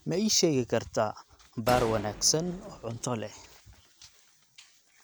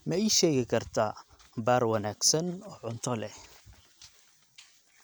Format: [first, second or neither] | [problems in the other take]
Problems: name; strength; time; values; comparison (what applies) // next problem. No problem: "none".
second | background sound (Gunshot, gunfire); 12 dB below the speech